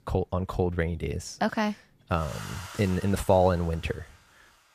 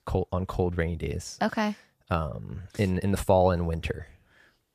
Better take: second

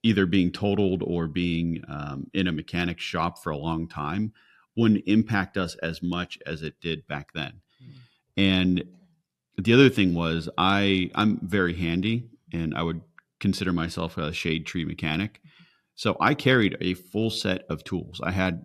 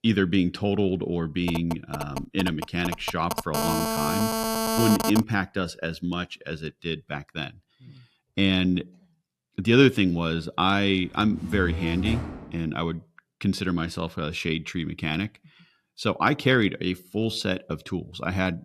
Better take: first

